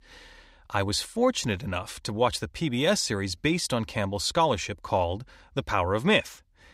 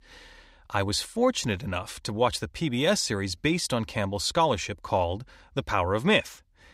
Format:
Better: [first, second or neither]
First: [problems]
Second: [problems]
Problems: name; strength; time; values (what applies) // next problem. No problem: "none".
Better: neither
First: none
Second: none